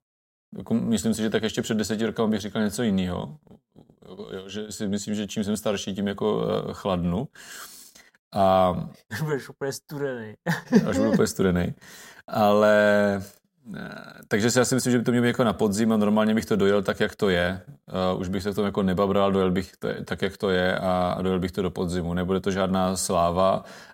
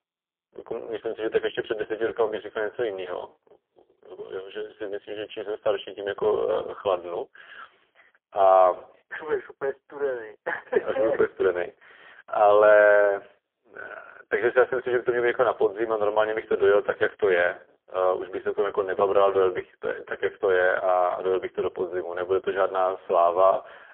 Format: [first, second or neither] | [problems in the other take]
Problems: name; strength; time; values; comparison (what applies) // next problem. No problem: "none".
first | phone-call audio; poor line; nothing above 3.5 kHz